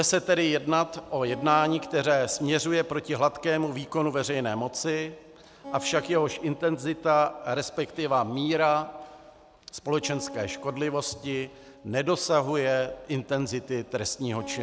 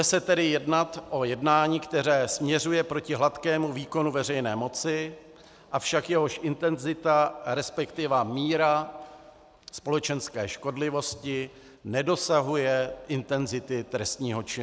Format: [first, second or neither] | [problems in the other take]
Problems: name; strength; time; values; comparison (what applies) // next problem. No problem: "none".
second | background sound (Acoustic guitar); 19 dB below the speech